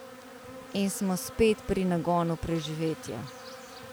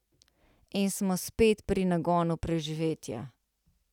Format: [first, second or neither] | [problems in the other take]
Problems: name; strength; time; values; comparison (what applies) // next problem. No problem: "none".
second | background sound (Insect); 15 dB below the speech